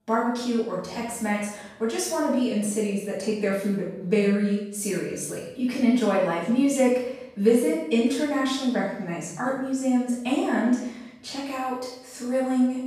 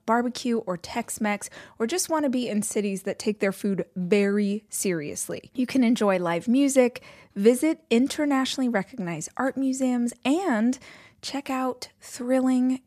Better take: second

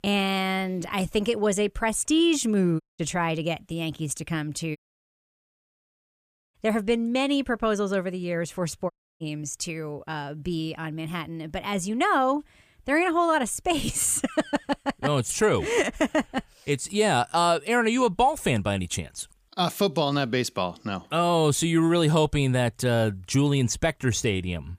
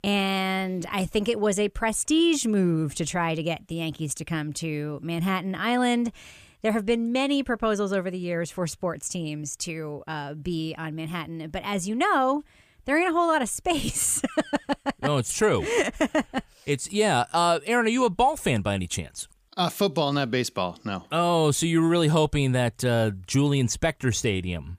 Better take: second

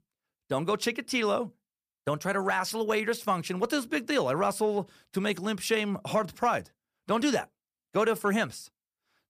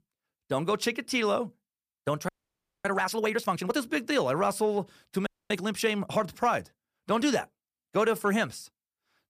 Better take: first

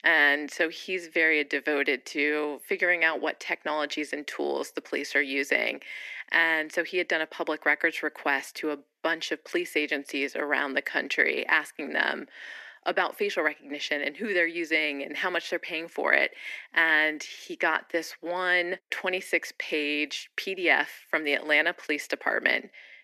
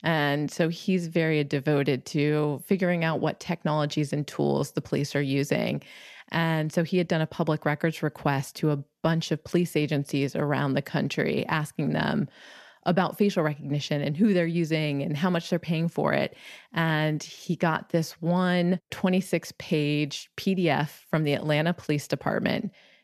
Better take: second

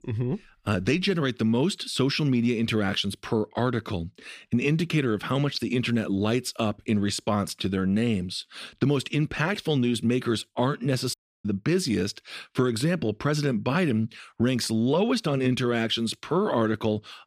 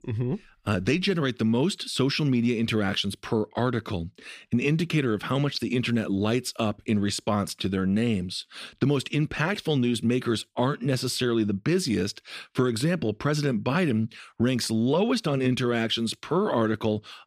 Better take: second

